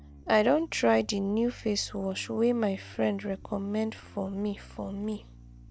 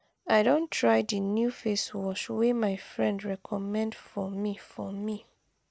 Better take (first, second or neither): second